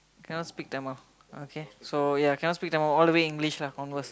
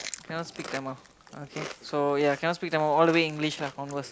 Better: first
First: none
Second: noise reduction (neural mask model Resemble Enhance denoiser)

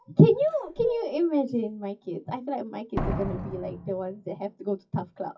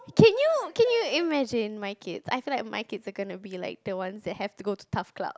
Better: second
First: noise reduction (classical method WPE with log-MMSE)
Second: none

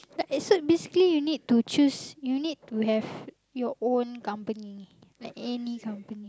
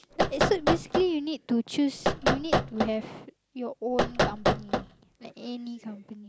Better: first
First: none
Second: background sound (Knock); 3 dB above the speech

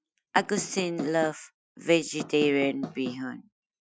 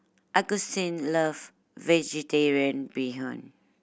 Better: second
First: noise reduction (classical method Wiener filter)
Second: none

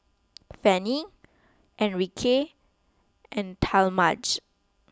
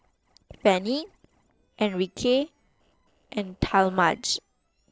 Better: first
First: none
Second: noise reduction (neural separator model SepFormer DNS4)

